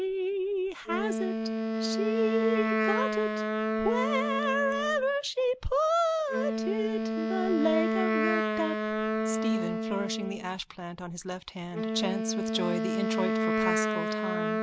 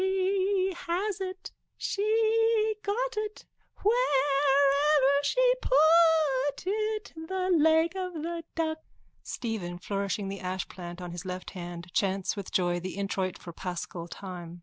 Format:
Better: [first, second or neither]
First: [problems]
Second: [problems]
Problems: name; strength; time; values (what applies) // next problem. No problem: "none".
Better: second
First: background sound (Wind instrument, woodwind instrument); 1 dB above the speech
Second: none